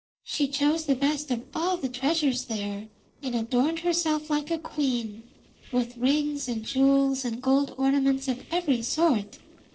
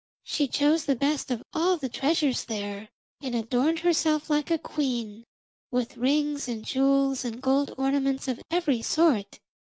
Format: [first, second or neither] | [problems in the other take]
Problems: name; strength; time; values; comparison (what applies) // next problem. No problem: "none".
second | noise reduction (neural separator model SepFormer DNS4)